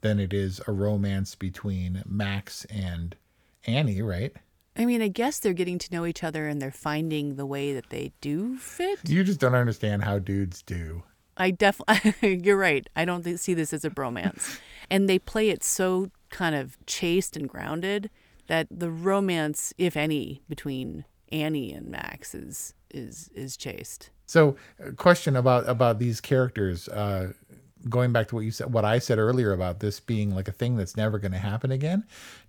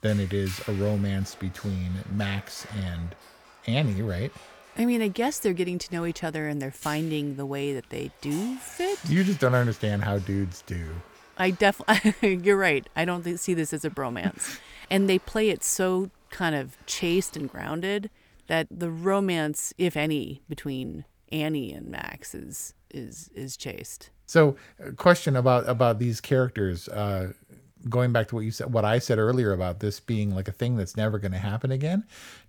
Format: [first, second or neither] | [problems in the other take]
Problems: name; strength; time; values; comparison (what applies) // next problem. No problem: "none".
first | animal sounds; faint; throughout; 20 dB below the speech